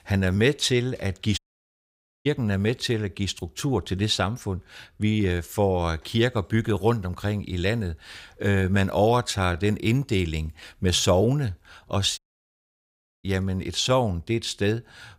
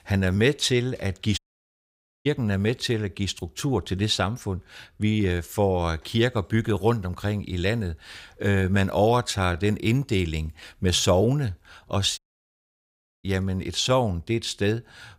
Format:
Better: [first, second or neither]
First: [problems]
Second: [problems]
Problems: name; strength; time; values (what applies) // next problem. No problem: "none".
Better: neither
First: audio cutting out; at 1.5 s for 1 s and at 12 s for 1 s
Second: audio cutting out; at 1.5 s for 1 s and at 12 s for 1 s